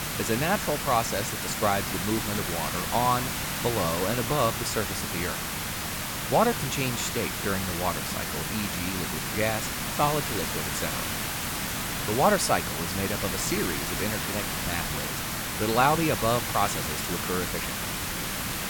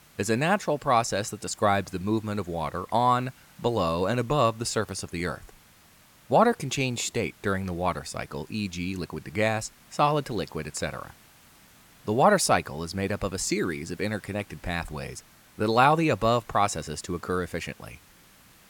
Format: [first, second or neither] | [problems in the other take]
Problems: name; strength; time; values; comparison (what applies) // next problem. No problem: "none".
second | hiss; loud; throughout; 1 dB below the speech; faint in the second